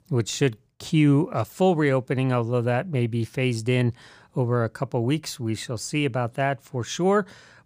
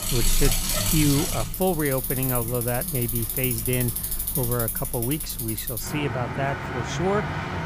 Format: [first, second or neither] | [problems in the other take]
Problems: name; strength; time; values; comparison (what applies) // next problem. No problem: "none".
first | traffic noise; very loud; throughout; 1 dB above the speech